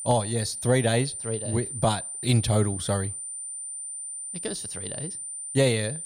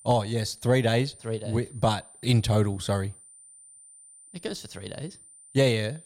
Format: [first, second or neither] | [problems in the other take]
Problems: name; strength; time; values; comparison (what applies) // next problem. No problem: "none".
second | high-pitched whine; loud; throughout; 9 kHz, 6 dB below the speech; faint in the second